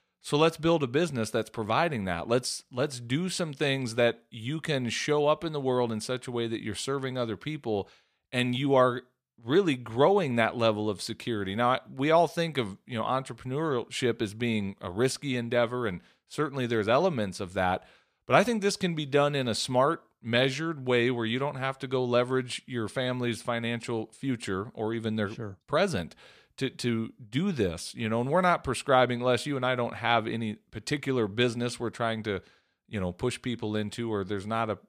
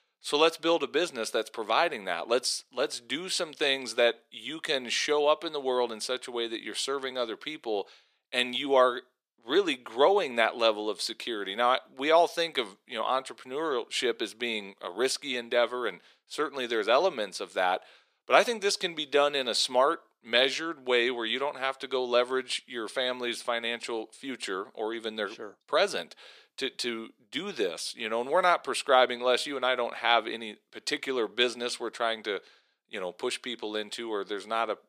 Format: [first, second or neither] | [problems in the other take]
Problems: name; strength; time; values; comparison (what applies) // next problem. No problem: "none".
first | thin; somewhat; fading below 350 Hz